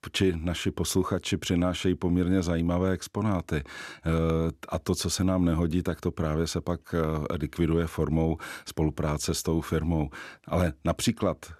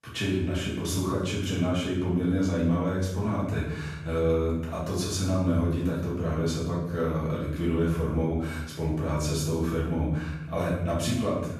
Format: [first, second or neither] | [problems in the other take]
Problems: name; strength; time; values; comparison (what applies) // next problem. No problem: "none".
first | room echo; noticeable; dies away in 1 s // off-mic speech; far